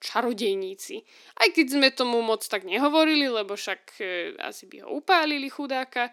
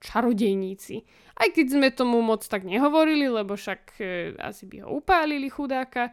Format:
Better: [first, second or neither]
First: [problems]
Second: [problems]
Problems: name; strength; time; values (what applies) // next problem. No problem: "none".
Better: second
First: thin; very slightly; fading below 300 Hz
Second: none